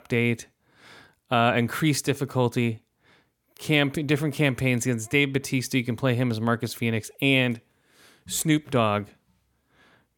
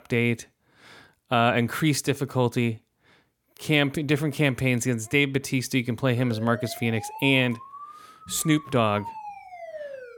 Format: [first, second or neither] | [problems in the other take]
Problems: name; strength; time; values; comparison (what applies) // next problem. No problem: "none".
first | siren; faint; from 6 s on; peak 15 dB below the speech